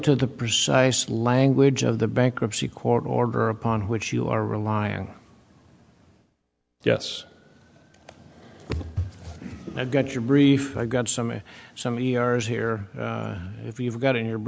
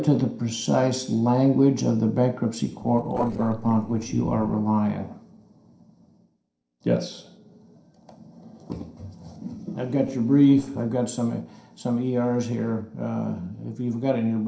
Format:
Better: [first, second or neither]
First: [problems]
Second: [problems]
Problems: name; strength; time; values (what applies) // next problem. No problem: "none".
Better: first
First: none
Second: noise reduction (neural separator model SepFormer DNS4)